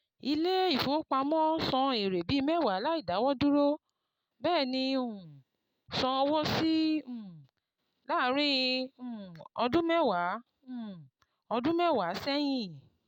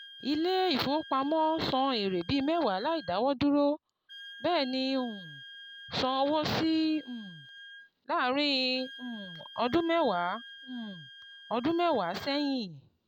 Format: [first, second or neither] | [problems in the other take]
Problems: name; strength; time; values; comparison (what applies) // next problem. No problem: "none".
first | background sound (Wind instrument, woodwind instrument); 19 dB below the speech